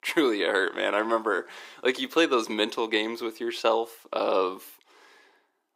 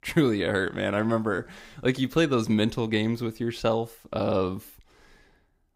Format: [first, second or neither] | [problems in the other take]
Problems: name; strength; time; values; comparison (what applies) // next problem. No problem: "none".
second | thin; somewhat; fading below 350 Hz